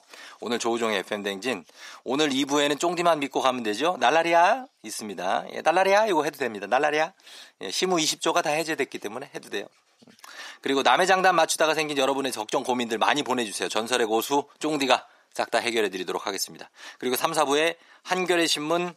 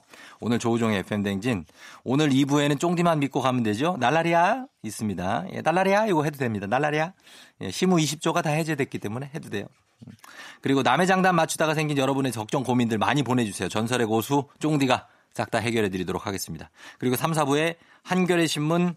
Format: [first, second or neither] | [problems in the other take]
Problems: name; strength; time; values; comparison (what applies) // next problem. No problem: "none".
second | thin; somewhat; fading below 450 Hz